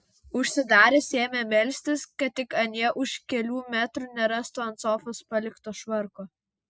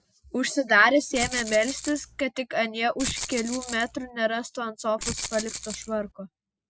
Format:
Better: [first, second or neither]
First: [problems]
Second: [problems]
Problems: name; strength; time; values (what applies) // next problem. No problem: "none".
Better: first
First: none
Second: background sound (Rattle (instrument)); 8 dB below the speech